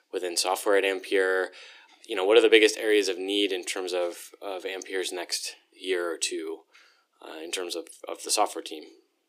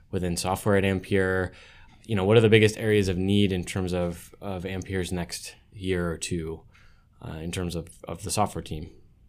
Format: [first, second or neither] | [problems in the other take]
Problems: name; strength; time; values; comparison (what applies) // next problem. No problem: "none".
second | thin; very; fading below 300 Hz